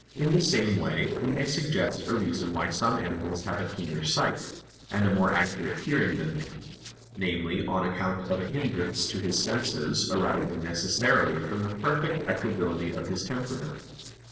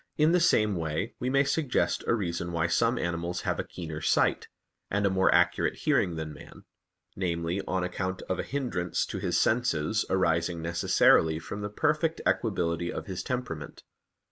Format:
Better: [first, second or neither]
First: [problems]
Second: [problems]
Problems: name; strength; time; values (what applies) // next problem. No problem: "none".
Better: second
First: noise reduction (neural separator model SepFormer DNS4)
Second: none